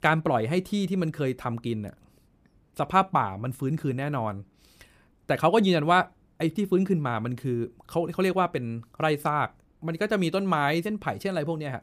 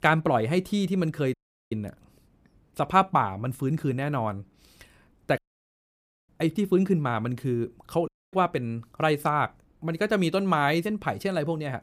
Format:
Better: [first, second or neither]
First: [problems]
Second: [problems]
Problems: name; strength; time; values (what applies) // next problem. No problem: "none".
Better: first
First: none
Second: audio cutting out; at 1.5 s, at 5.5 s for 1 s and at 8 s